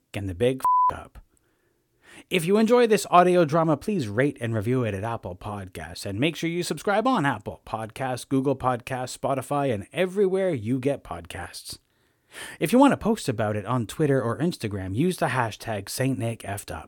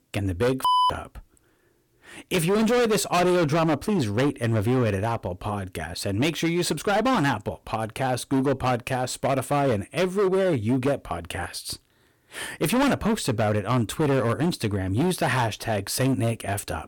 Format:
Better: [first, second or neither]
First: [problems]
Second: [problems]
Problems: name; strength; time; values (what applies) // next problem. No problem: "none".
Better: first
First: none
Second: distortion; heavy; 15% of the sound clipped